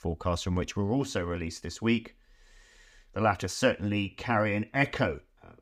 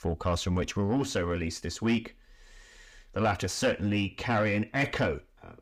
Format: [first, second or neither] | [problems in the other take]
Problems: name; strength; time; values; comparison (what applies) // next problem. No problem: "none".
first | distortion; slight; 10 dB below the speech